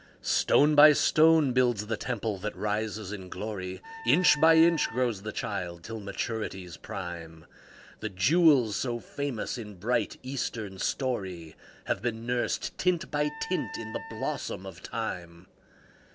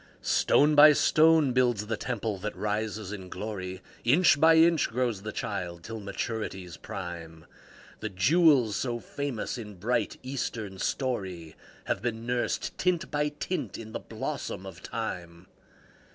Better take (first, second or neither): second